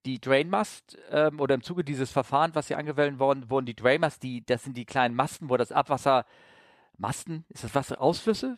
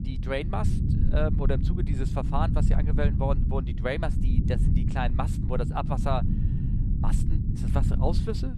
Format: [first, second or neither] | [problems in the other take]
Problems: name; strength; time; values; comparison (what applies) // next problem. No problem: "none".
first | low rumble; loud; throughout; 6 dB below the speech